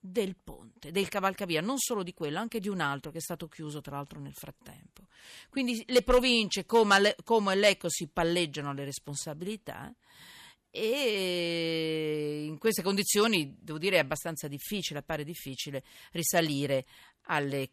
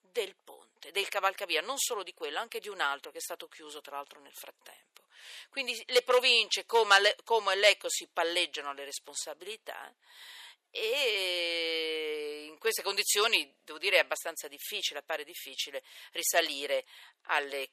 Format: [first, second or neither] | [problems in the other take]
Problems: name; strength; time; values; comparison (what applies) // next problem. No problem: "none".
first | thin; very; fading below 450 Hz